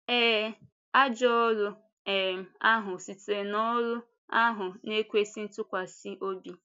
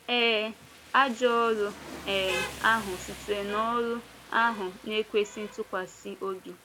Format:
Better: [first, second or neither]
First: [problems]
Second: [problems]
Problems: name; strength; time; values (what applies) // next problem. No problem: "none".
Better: first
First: none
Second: background sound (Rain); 13 dB below the speech